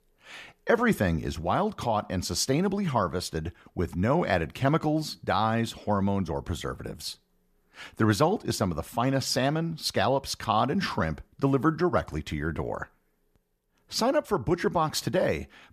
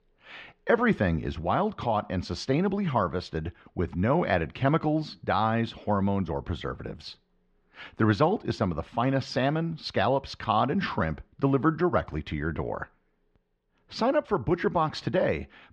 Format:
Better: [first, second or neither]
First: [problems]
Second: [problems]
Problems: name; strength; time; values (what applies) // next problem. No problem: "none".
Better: first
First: none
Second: muffled; slightly; fading above 3.5 kHz